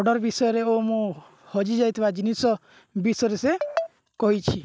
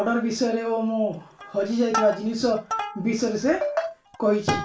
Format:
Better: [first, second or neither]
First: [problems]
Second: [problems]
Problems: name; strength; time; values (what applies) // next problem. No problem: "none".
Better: first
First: none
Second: background sound (Plucked string instrument); 10 dB below the speech // room echo; dies away in 0.2 s